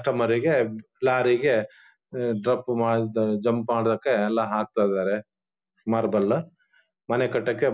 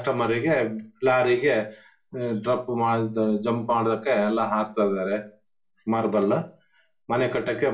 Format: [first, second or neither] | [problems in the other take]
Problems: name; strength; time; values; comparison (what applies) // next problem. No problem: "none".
first | room echo; dies away in 0.3 s